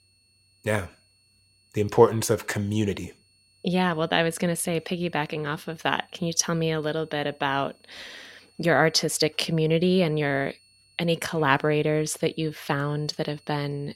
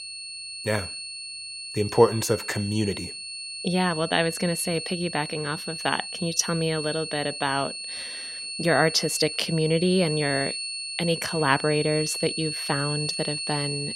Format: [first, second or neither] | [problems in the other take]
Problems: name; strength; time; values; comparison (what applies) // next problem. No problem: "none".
first | high-pitched whine; loud; throughout; 4.5 kHz, 6 dB below the speech; faint in the first